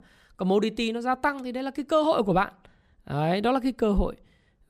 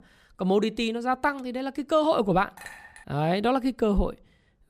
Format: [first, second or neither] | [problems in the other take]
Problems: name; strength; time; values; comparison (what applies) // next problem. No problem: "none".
first | clattering dishes; faint; at 2.5 s; peak 15 dB below the speech